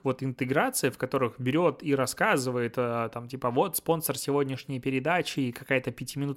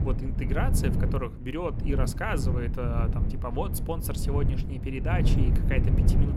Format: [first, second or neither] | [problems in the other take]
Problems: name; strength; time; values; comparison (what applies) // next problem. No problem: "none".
first | wind noise on the microphone; heavy; 5 dB below the speech